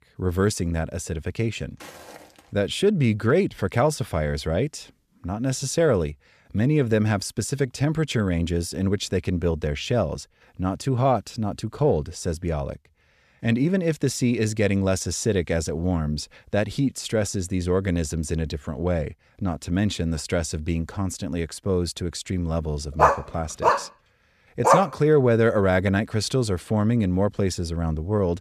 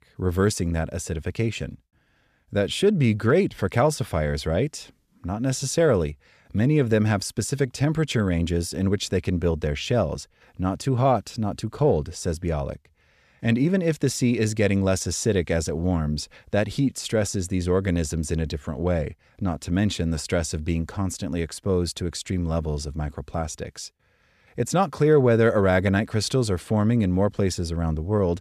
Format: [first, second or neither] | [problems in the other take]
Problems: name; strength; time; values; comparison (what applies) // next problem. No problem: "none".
second | footsteps; faint; at 2 s; peak 15 dB below the speech // dog barking; loud; from 23 to 25 s; peak 5 dB above the speech